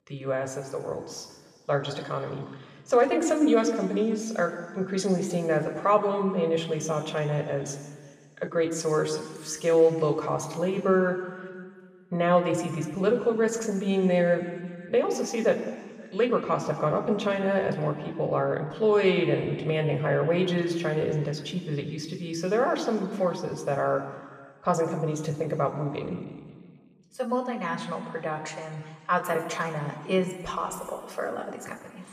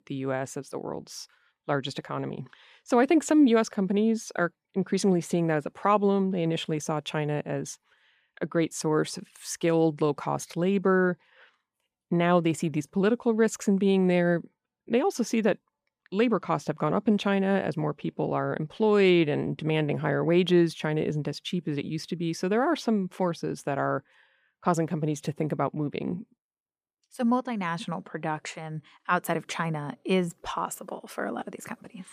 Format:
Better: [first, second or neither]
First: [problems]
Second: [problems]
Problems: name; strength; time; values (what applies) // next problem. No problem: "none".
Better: second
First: room echo; noticeable; dies away in 1.6 s // off-mic speech; somewhat distant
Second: none